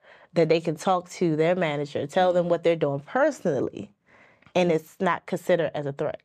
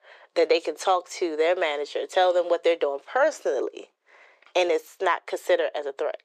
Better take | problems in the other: first | thin; very; fading below 350 Hz

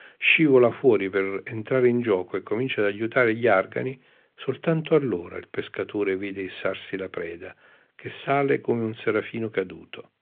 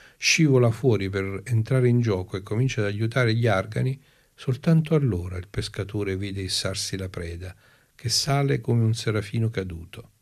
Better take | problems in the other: second | phone-call audio

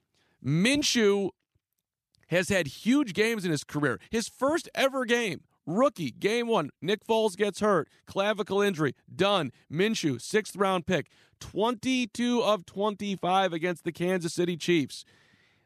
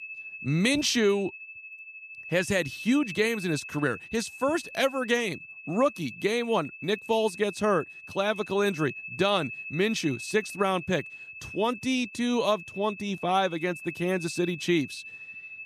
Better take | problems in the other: first | high-pitched whine; noticeable; throughout; 2.5 kHz, 10 dB below the speech

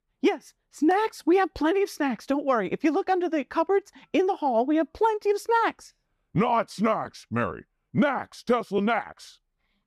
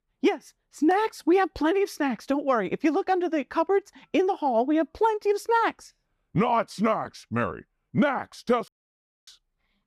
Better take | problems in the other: first | audio cutting out; at 8.5 s for 0.5 s

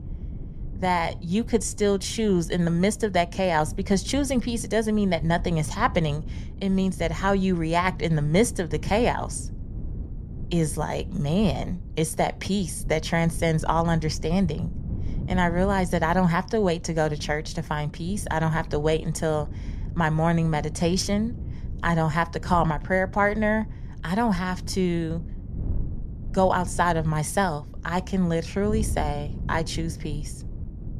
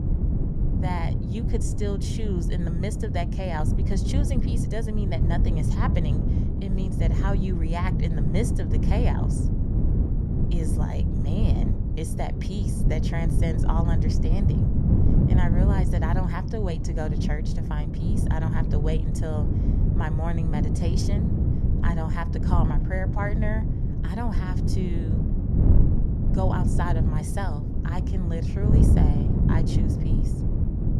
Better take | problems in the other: first | wind noise on the microphone; heavy; 1 dB below the speech; occasional gusts in the first

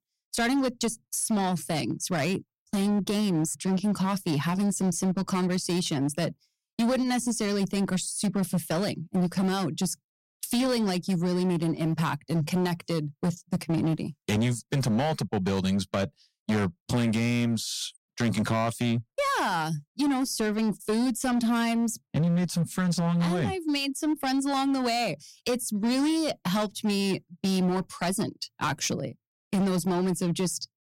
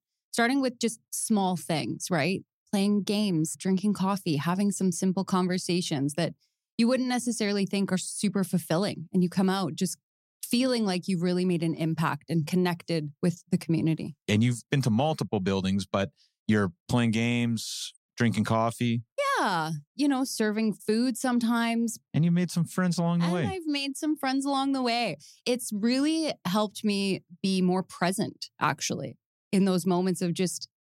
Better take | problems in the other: second | distortion; slight; 16% of the sound clipped

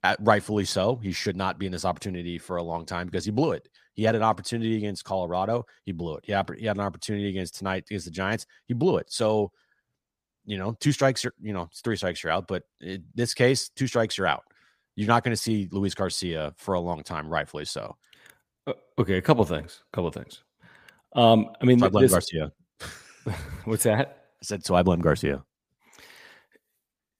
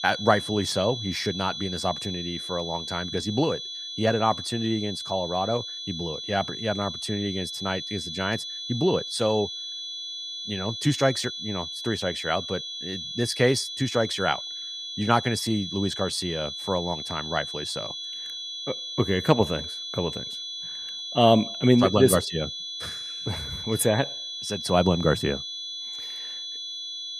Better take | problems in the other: first | high-pitched whine; loud; throughout; 3.5 kHz, 6 dB below the speech

